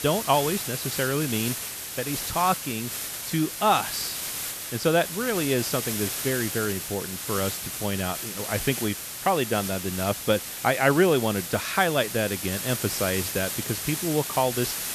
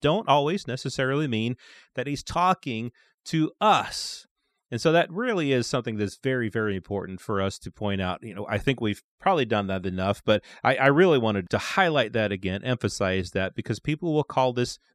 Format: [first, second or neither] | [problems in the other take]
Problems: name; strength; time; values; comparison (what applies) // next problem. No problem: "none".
second | hiss; loud; throughout; 4 dB below the speech